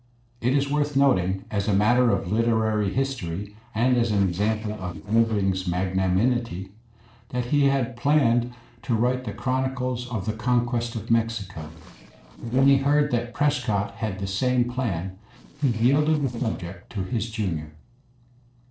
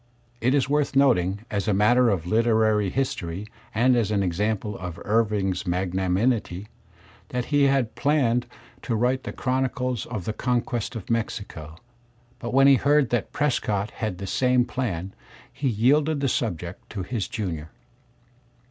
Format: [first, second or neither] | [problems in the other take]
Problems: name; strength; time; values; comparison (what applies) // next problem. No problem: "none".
second | noise reduction (neural separator model SepFormer DNS4)